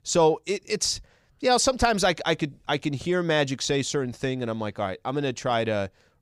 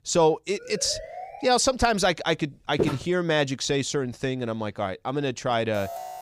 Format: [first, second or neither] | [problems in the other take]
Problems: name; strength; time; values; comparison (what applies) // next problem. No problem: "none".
first | siren; faint; at 0.5 s; peak 10 dB below the speech // footsteps; noticeable; at 3 s; peak 3 dB below the speech // alarm; faint; at 5.5 s; peak 10 dB below the speech